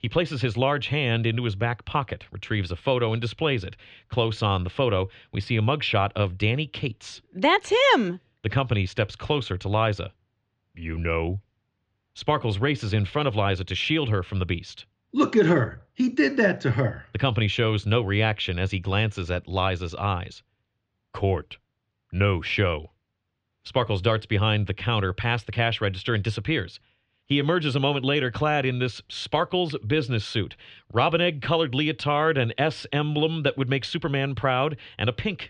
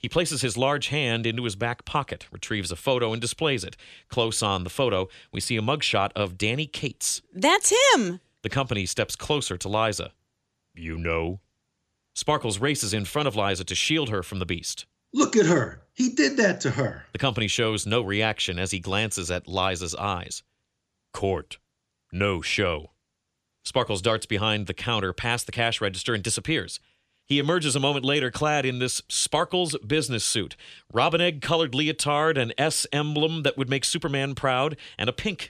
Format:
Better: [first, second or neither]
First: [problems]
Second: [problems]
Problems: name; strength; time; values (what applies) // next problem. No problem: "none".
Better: second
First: muffled; slightly; fading above 3.5 kHz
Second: none